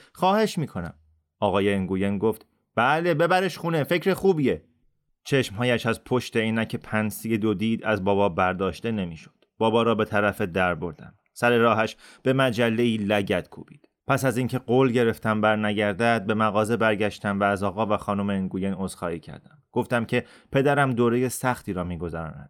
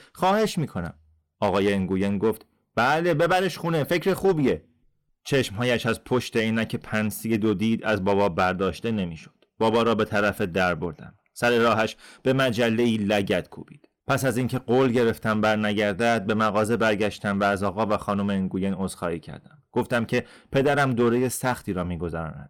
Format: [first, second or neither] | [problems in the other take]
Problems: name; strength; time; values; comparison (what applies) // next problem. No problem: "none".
first | distortion; slight; 5% of the sound clipped